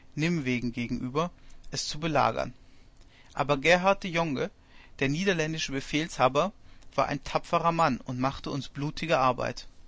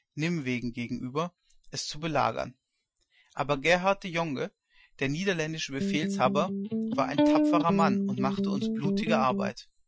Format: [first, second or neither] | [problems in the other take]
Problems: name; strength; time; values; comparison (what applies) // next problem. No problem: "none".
first | noise reduction (classical method Wiener filter)